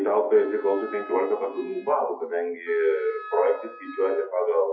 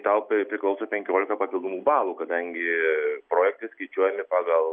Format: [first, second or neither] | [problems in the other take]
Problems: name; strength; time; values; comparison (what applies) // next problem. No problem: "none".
second | noise reduction (classical method WPE with log-MMSE)